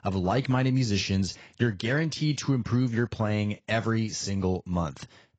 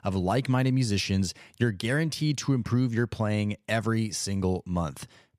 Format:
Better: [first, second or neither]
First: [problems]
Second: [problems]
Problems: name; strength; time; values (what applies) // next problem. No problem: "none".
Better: second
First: garbled, watery; badly; nothing above 7.5 kHz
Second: none